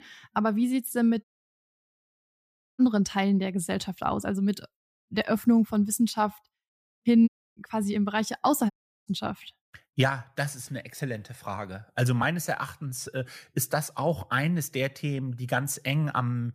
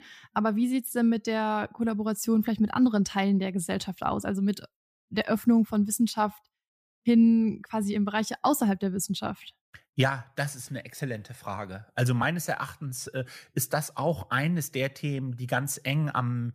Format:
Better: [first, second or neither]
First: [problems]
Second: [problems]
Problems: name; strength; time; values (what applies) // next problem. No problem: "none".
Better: second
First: audio cutting out; at 1 s for 1.5 s, at 7.5 s and at 8.5 s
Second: none